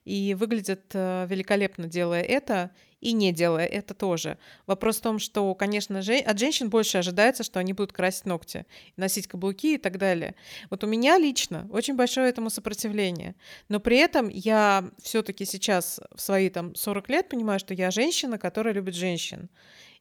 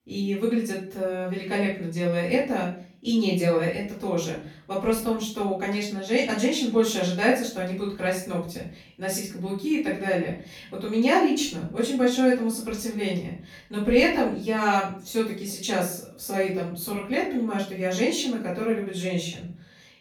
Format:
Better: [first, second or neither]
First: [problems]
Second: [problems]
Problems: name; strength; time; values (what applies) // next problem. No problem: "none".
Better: first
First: none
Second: off-mic speech; far // room echo; noticeable; dies away in 0.4 s